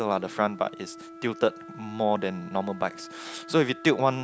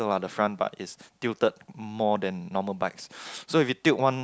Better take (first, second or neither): second